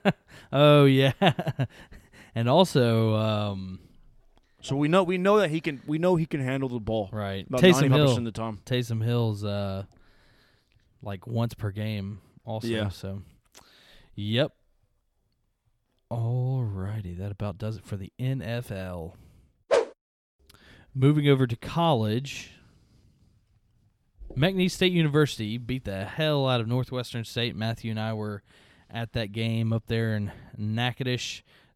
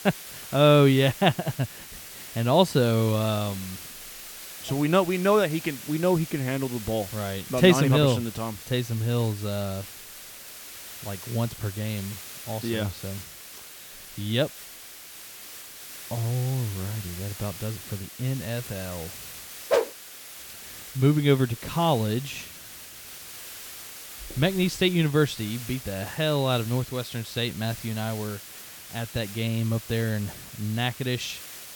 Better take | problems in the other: first | hiss; noticeable; throughout; 15 dB below the speech

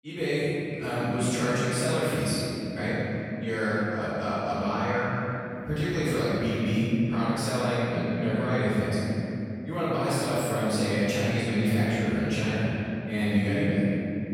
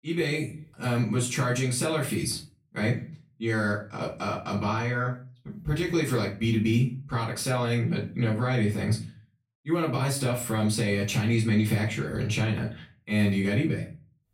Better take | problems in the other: second | room echo; strong; dies away in 3 s; slight in the second // off-mic speech; far; far in the second

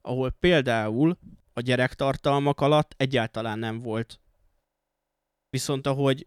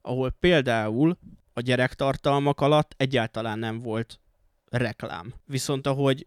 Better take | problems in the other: second | audio freezing; at 4.5 s for 1 s

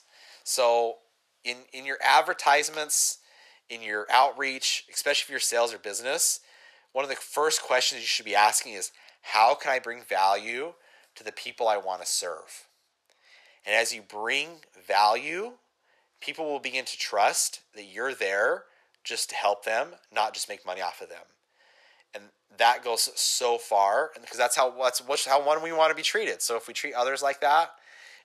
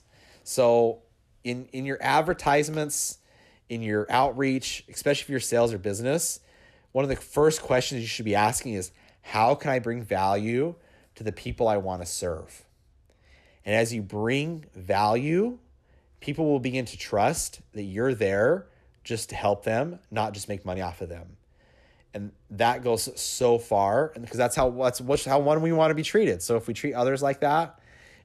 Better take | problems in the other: second | thin; very; fading below 900 Hz

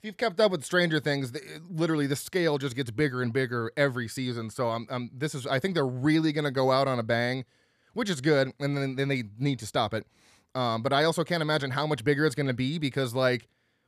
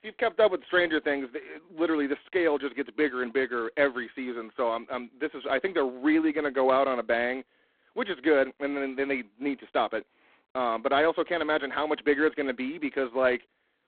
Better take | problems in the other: first | phone-call audio; poor line

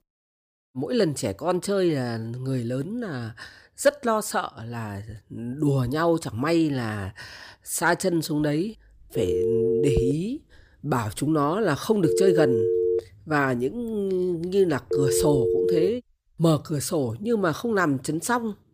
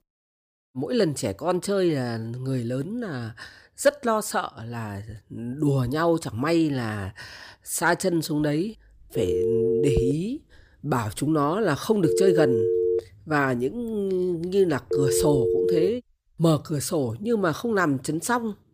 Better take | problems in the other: neither | phone ringing; loud; from 9 to 16 s; peak 3 dB above the speech; the same in both

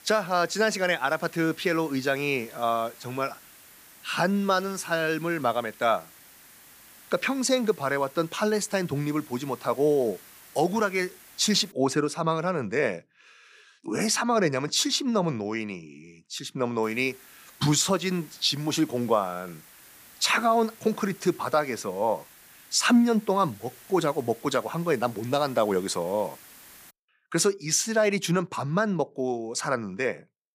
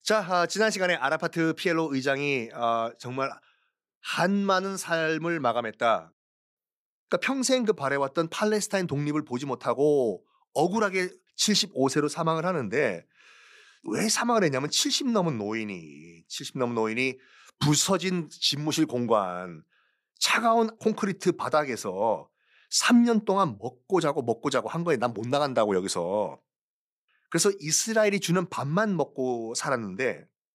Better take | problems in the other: second | hiss; faint; until 12 s and from 17 to 27 s; 20 dB below the speech

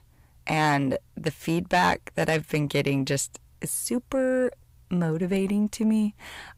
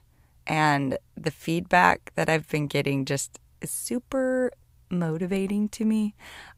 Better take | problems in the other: second | distortion; slight; 10 dB below the speech

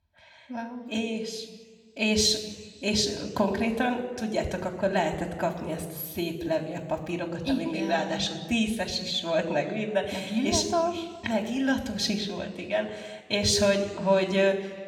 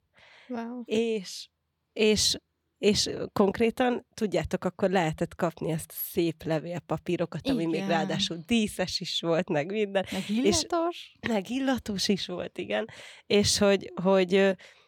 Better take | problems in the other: second | room echo; slight; dies away in 1.2 s

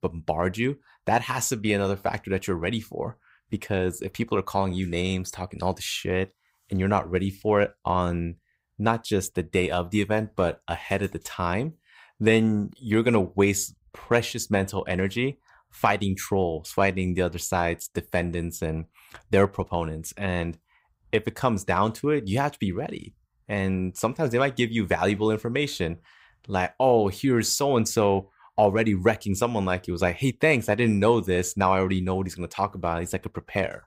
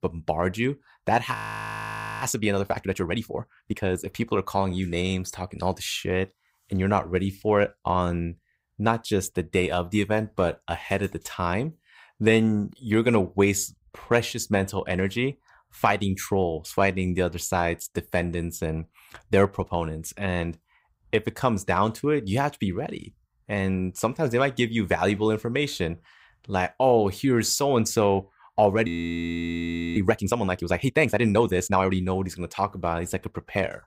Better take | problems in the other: first | audio freezing; at 1.5 s for 1 s and at 29 s for 1 s

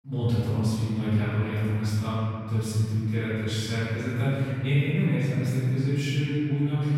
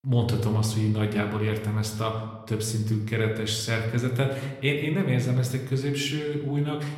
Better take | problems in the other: second | room echo; strong; dies away in 3 s; slight in the second // off-mic speech; far

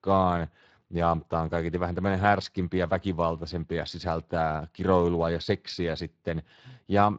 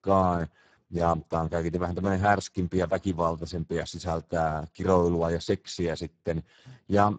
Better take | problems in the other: first | garbled, watery; badly; nothing above 7.5 kHz; slightly in the first

